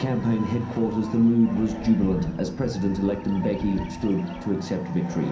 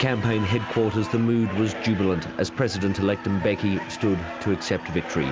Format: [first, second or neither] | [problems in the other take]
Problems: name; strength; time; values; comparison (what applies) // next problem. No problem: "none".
second | background sound (Bird vocalization, bird call, bird song); 18 dB below the speech // room echo; dies away in 0.6 s